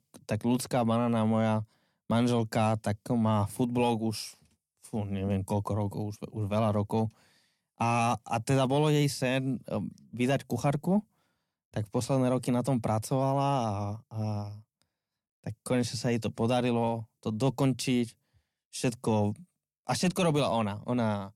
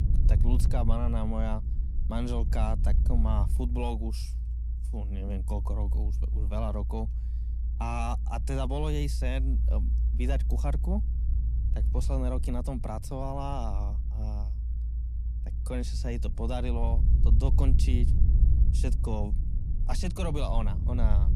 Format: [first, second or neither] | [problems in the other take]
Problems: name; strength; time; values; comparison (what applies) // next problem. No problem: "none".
first | low rumble; noticeable; throughout; 10 dB below the speech